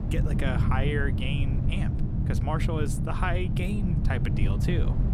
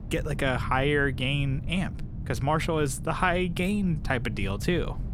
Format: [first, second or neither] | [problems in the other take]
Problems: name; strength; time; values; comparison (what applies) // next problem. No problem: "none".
second | low rumble; loud; throughout; 5 dB below the speech; faint in the second